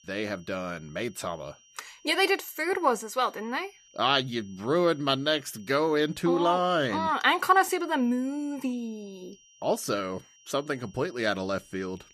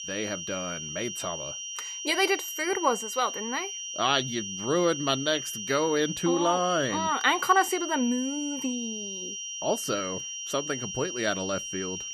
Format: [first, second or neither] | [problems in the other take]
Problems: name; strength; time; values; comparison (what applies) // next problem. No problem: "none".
first | high-pitched whine; loud; throughout; 6 kHz, 6 dB below the speech; faint in the first